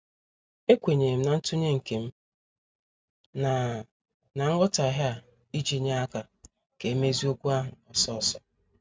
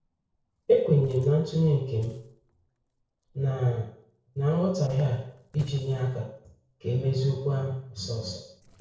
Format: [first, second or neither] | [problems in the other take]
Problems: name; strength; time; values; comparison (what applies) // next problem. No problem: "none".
first | noise reduction (neural separator model SepFormer DNS4)